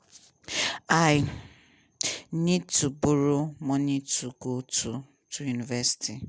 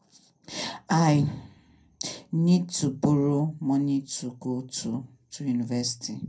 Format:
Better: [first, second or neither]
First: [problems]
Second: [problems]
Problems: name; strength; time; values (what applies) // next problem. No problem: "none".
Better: first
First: none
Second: room echo; dies away in 0.2 s